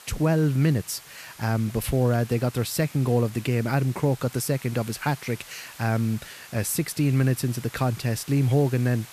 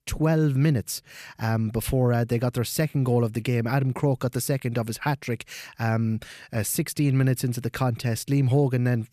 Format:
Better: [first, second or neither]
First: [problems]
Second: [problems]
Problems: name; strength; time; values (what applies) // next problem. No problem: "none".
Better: second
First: hiss; noticeable; throughout; 20 dB below the speech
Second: none